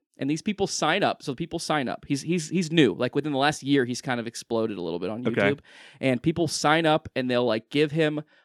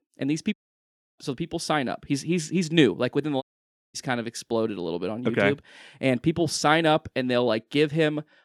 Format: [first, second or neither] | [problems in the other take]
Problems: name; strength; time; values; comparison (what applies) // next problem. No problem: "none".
first | audio cutting out; at 0.5 s for 0.5 s and at 3.5 s for 0.5 s